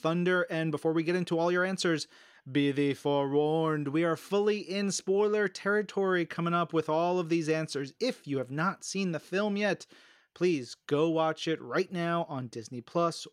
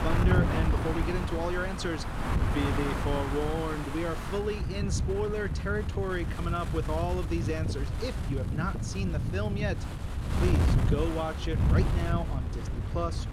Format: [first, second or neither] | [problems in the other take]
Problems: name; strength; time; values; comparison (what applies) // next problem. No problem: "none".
first | wind noise on the microphone; heavy; 3 dB below the speech